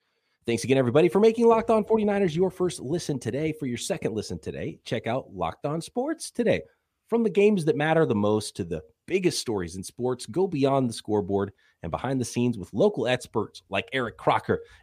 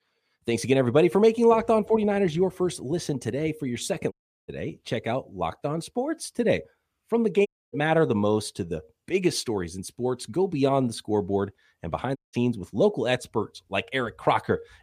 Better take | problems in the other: first | audio cutting out; at 4 s, at 7.5 s and at 12 s

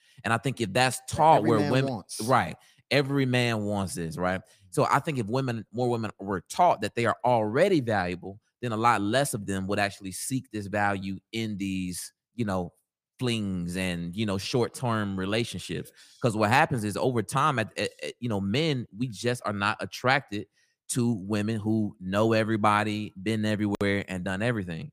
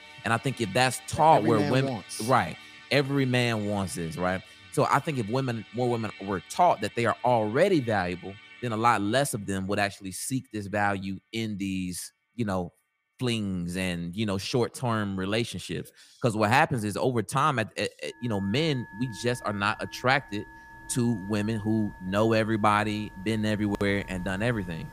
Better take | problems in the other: first | background music; noticeable; throughout; 20 dB below the speech

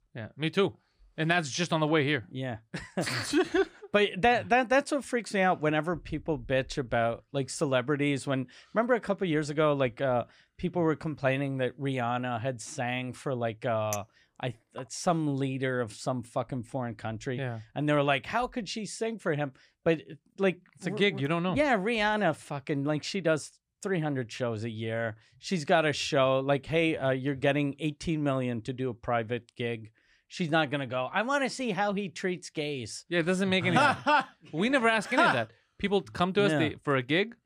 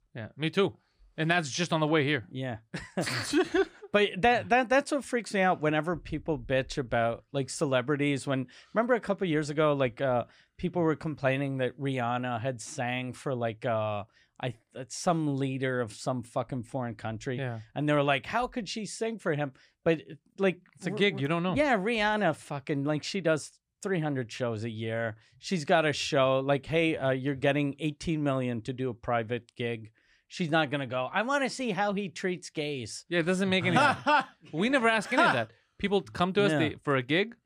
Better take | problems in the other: second | clattering dishes; faint; at 14 s; peak 10 dB below the speech

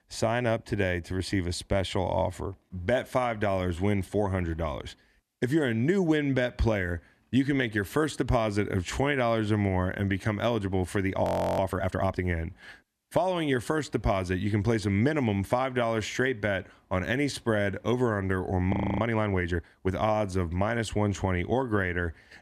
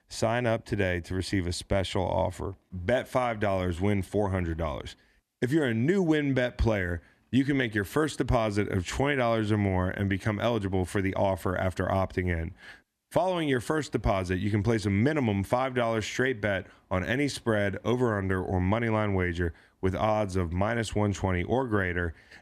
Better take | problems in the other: second | audio freezing; at 11 s and at 19 s

